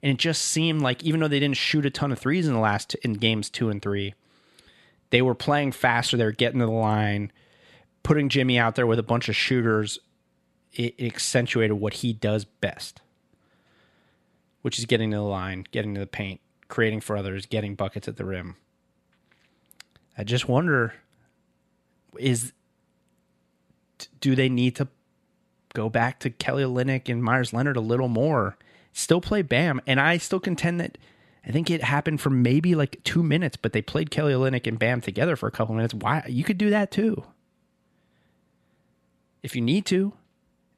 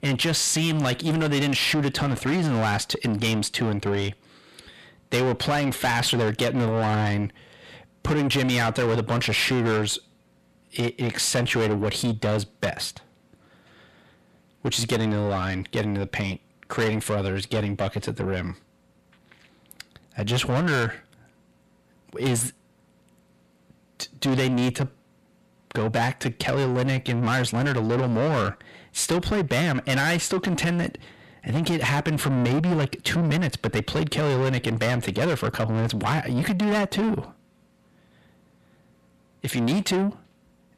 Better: first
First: none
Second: distortion; heavy; 6 dB below the speech

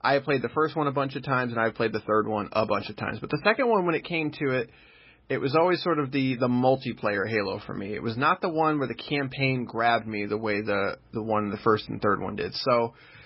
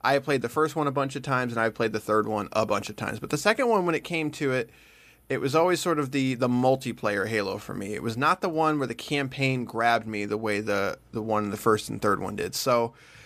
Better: second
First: garbled, watery; badly; nothing above 5.5 kHz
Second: none

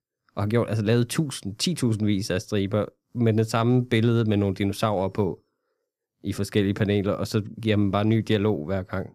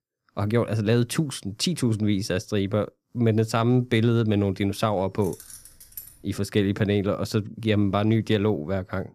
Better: first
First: none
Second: jangling keys; faint; from 5 to 6 s; peak 15 dB below the speech

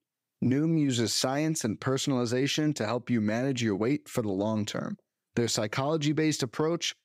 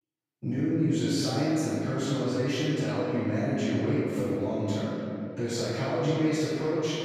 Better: first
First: none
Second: off-mic speech; far // room echo; strong; dies away in 2.9 s

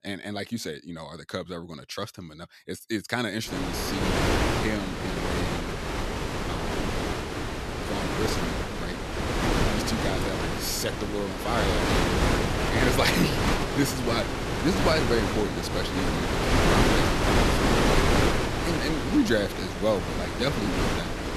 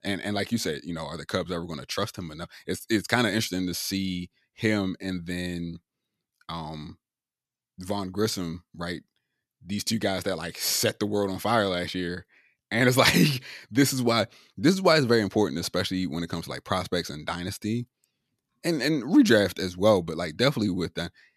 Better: second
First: wind noise on the microphone; heavy; from 3.5 s on; 4 dB above the speech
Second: none

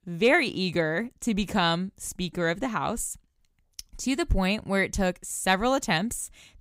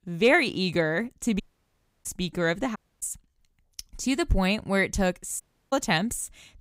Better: first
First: none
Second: audio cutting out; at 1.5 s for 0.5 s, at 3 s and at 5.5 s

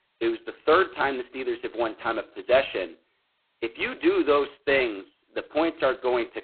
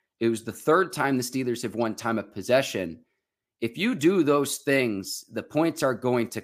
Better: second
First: phone-call audio; poor line; nothing above 4 kHz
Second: none

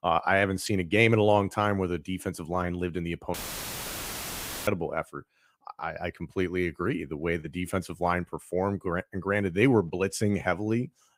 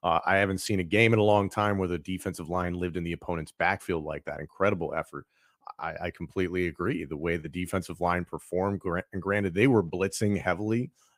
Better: second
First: audio cutting out; filled with static; at 3.5 s for 1.5 s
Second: none

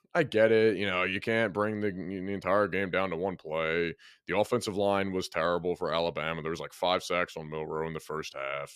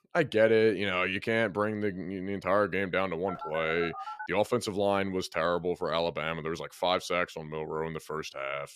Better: first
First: none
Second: phone ringing; noticeable; at 3.5 s; peak 10 dB below the speech

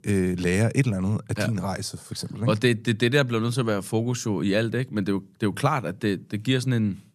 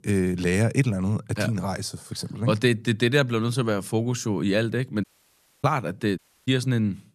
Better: first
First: none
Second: audio cutting out; at 5 s for 0.5 s and at 6 s

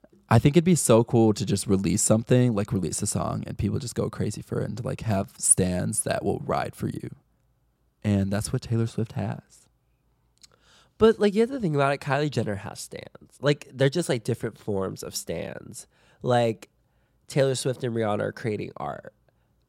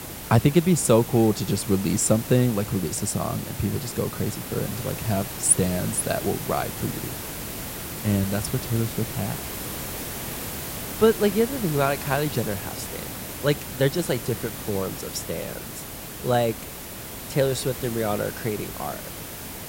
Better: first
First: none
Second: hiss; loud; throughout; 8 dB below the speech

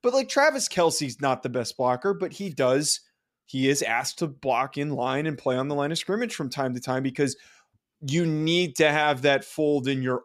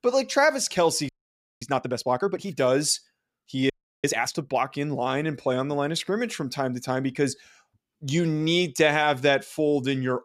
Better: first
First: none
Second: audio freezing; at 1 s for 0.5 s and at 3.5 s

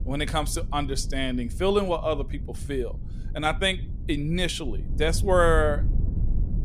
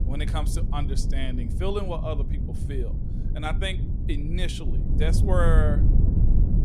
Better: first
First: low rumble; faint; throughout; 20 dB below the speech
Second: low rumble; loud; throughout; 8 dB below the speech

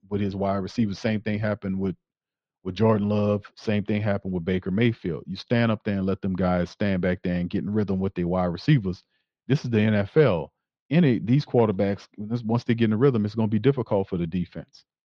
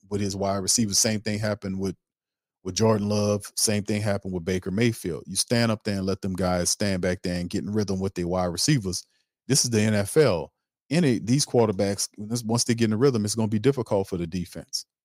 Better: second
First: muffled; very; fading above 3.5 kHz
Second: none

